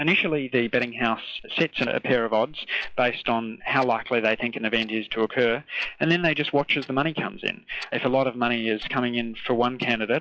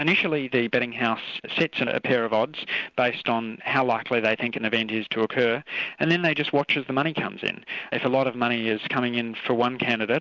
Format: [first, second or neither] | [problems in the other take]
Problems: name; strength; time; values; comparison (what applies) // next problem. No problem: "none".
second | noise reduction (classical method log-MMSE)